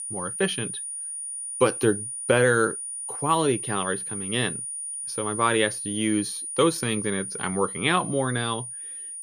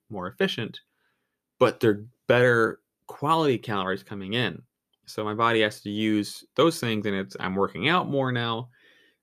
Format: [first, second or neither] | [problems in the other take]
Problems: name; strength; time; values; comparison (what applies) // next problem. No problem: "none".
second | high-pitched whine; loud; throughout; 9.5 kHz, 6 dB below the speech